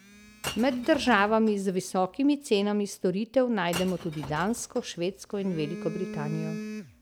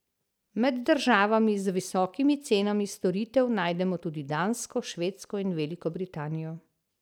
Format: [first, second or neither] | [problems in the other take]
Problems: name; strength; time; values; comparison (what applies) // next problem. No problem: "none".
second | background sound (Telephone + Shatter / Crushing); 13 dB below the speech